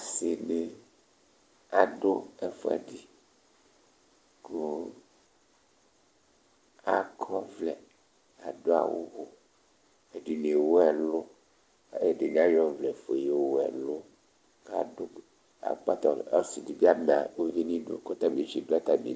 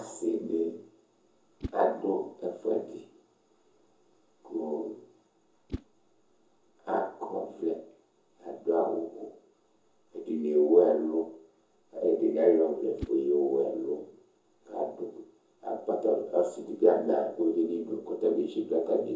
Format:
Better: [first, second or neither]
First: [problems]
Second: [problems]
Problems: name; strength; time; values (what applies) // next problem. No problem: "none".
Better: first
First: none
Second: background sound (Whoosh, swoosh, swish); 17 dB below the speech // room echo; dies away in 0.5 s